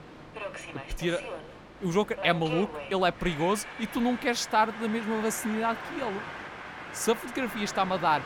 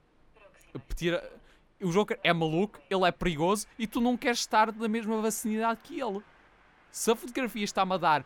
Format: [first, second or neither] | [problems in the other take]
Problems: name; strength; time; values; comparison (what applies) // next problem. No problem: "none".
second | train or aircraft noise; loud; throughout; 10 dB below the speech; faint in the second